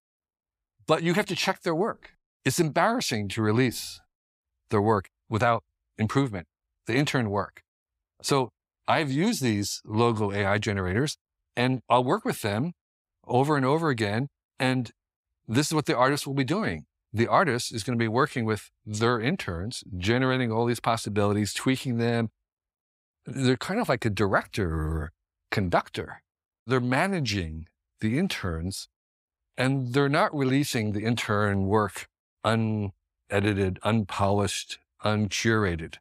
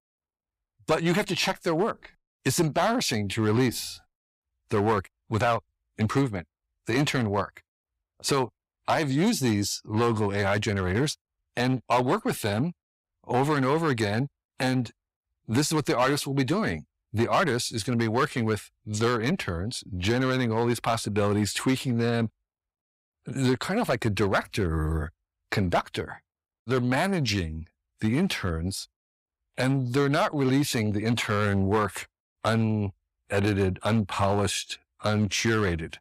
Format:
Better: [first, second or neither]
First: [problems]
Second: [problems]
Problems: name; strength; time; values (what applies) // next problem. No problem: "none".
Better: first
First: none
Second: distortion; slight; 4% of the sound clipped